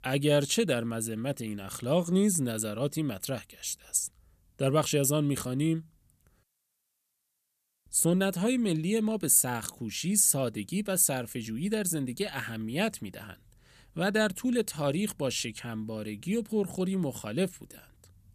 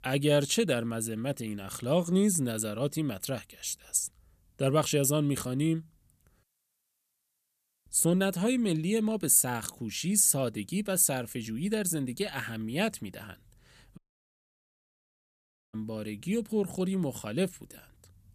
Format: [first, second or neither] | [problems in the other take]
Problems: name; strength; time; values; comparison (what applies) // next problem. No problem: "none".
first | audio cutting out; at 14 s for 2 s